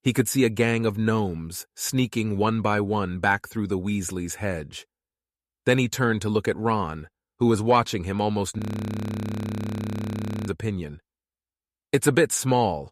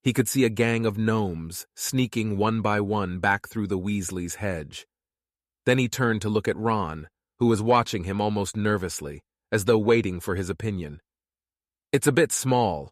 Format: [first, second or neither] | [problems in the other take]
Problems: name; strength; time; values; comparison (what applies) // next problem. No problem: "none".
second | audio freezing; at 8.5 s for 2 s